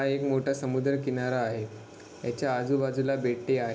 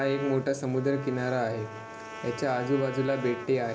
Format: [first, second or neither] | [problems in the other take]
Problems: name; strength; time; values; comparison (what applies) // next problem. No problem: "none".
first | background sound (Trumpet); 14 dB below the speech